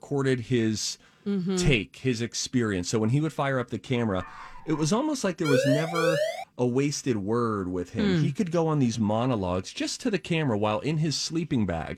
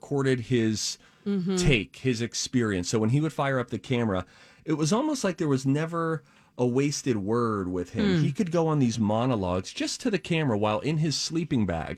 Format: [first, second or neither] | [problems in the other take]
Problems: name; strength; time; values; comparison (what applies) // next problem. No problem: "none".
second | dog barking; faint; at 4 s; peak 15 dB below the speech // siren; loud; at 5.5 s; peak 1 dB above the speech